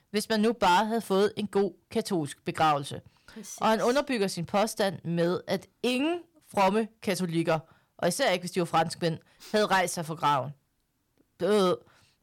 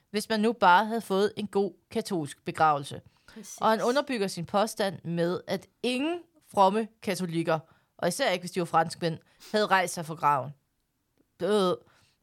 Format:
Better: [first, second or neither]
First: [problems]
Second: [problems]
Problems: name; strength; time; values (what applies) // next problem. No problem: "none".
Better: second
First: distortion; slight; 4% of the sound clipped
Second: none